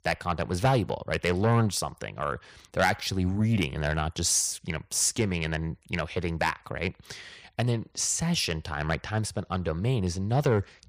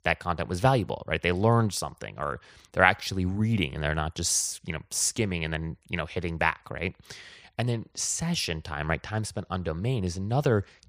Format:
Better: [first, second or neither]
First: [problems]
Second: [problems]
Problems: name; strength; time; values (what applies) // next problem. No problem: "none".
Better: second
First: distortion; slight; 10 dB below the speech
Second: none